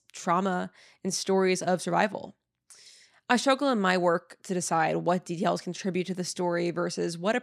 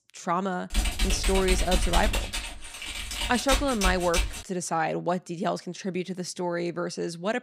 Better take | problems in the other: first | keyboard typing; loud; from 0.5 to 4.5 s; peak 2 dB above the speech

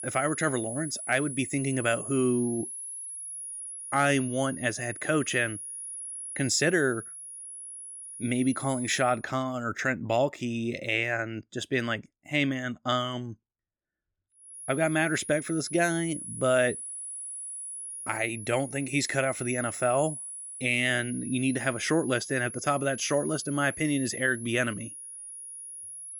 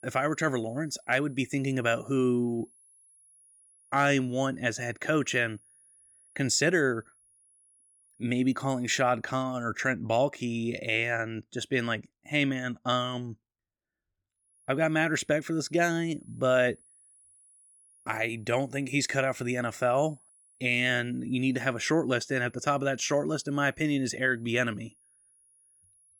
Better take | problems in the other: second | high-pitched whine; loud; until 9 s and from 15 s on; 10 kHz, 9 dB below the speech; faint in the second

